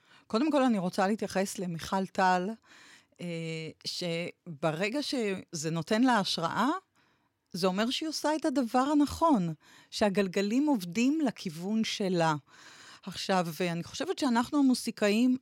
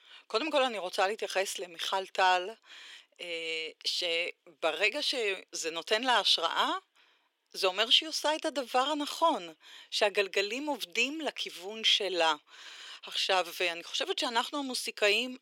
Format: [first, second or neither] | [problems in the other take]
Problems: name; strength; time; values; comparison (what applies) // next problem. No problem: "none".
first | thin; very; fading below 400 Hz